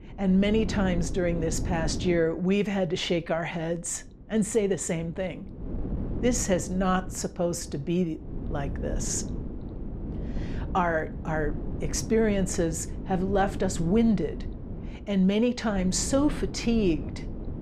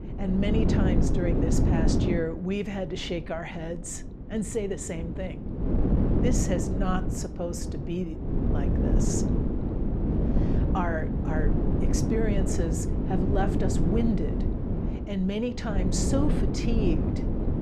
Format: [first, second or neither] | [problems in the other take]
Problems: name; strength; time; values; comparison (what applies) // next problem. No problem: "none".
first | wind noise on the microphone; heavy; 1 dB below the speech; occasional gusts in the first